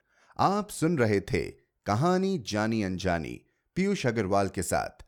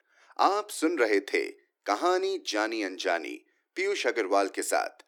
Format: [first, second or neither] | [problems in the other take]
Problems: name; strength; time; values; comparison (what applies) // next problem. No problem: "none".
first | thin; somewhat; fading below 300 Hz